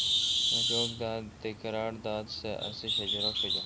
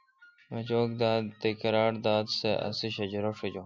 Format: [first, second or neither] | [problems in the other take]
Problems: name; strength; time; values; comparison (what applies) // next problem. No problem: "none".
second | background sound (Bird); 5 dB above the speech